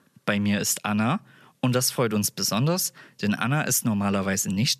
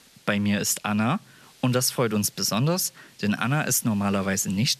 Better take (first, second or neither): first